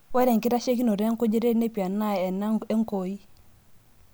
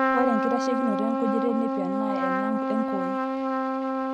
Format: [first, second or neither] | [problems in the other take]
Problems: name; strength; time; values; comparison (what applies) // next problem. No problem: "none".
first | noise reduction (neural mask model RNNoise)